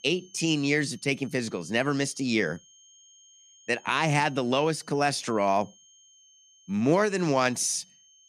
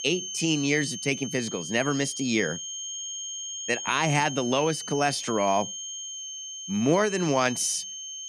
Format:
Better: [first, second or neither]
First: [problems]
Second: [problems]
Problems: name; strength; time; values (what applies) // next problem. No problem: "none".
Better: first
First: high-pitched whine; faint; throughout; 6.5 kHz, 30 dB below the speech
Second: high-pitched whine; loud; throughout; 6.5 kHz, 8 dB below the speech